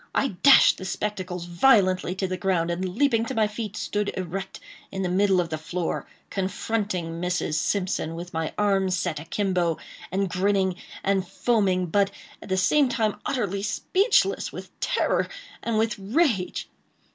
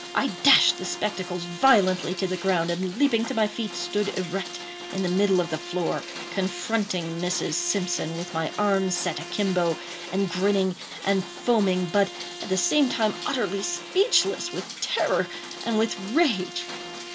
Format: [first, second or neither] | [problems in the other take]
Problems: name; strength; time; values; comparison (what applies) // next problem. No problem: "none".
first | background sound (Bowed string instrument + Rain); 12 dB below the speech